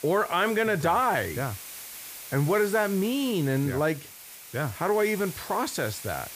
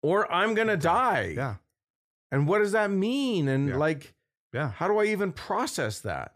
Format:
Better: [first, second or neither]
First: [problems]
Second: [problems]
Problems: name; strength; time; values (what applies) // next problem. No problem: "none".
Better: second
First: hiss; noticeable; throughout; 15 dB below the speech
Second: none